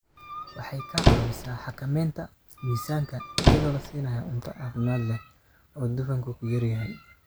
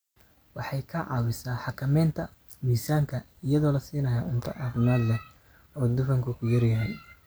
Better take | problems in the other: second | background sound (Squeak); 2 dB above the speech

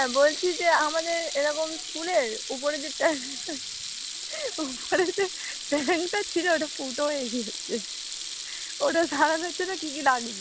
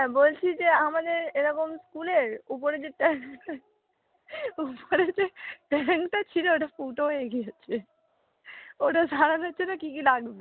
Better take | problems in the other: second | background sound (Sink (filling or washing) / Water tap, faucet); 7 dB below the speech

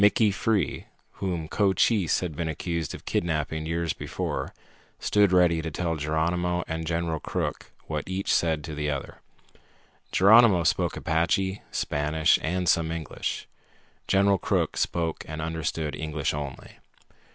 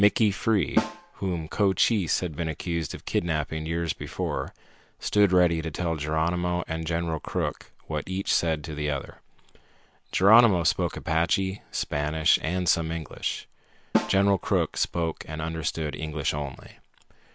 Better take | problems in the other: first | background sound (Snare drum); 7 dB below the speech

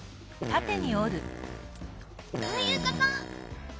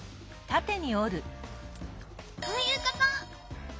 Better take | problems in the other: second | background sound (Fart); 4 dB below the speech

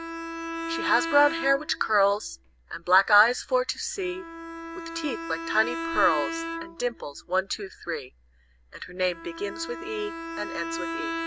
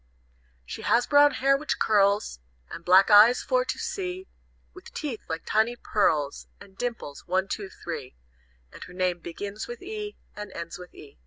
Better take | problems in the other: second | background sound (Bowed string instrument); 8 dB below the speech

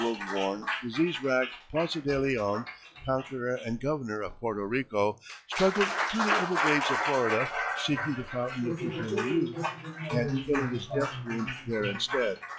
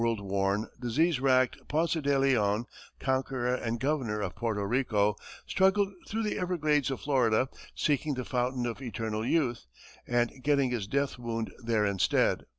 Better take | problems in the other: second | noise reduction (classical method log-MMSE)

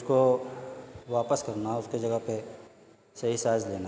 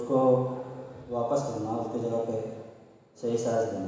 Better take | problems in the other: first | room echo; dies away in 1.1 s

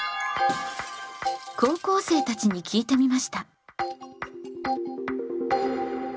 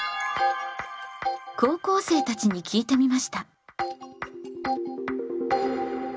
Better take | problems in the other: second | background sound (Shatter); 19 dB below the speech

